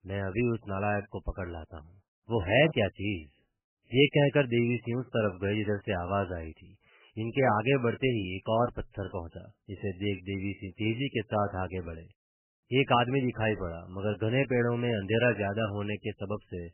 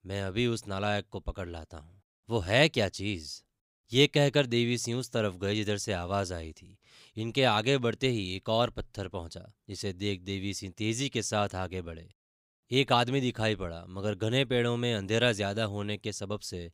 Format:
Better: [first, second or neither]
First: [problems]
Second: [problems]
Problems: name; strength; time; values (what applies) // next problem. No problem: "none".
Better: second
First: garbled, watery; badly; nothing above 3 kHz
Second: none